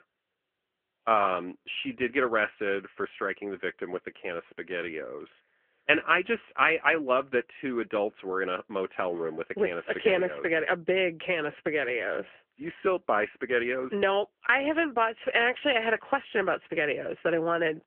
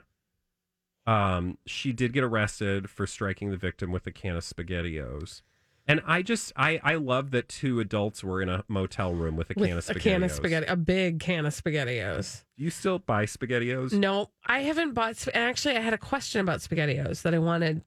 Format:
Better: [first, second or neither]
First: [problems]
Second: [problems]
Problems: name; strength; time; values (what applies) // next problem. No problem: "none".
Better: second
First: phone-call audio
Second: none